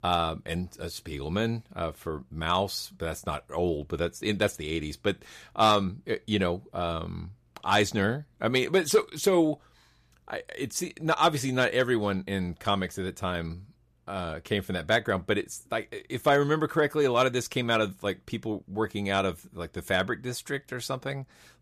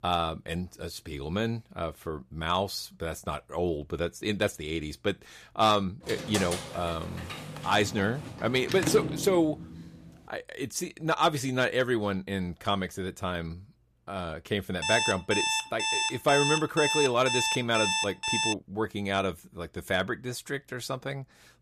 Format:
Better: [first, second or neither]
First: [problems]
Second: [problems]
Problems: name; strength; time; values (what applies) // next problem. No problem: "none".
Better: first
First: none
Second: door banging; noticeable; from 6 to 10 s; peak 1 dB below the speech // alarm; loud; from 15 to 19 s; peak 3 dB above the speech